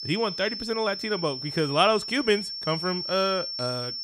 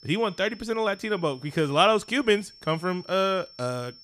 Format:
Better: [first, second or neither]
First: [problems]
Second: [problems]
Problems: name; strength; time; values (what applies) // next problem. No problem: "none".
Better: second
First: high-pitched whine; loud; throughout; 5.5 kHz, 5 dB below the speech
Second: high-pitched whine; faint; throughout; 5.5 kHz, 20 dB below the speech